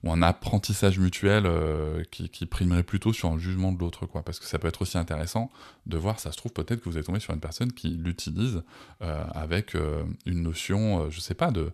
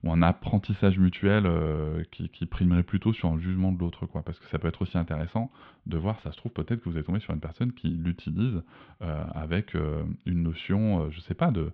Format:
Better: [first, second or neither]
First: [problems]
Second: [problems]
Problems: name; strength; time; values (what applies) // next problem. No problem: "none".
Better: first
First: none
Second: muffled; very; fading above 3 kHz